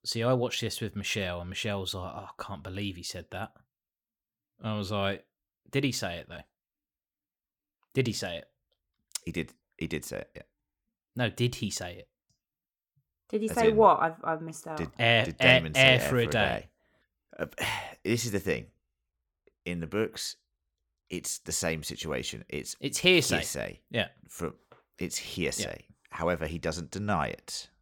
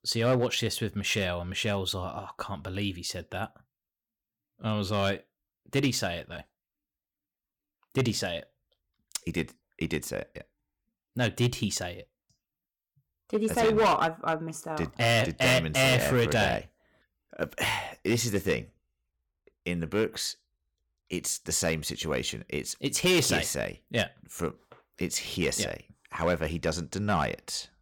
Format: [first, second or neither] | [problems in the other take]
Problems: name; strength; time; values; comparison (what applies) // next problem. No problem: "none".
first | distortion; heavy; 3% of the sound clipped